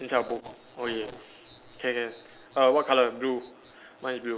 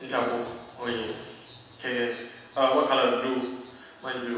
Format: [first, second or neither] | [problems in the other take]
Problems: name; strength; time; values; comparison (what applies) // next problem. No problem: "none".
first | room echo; dies away in 1.1 s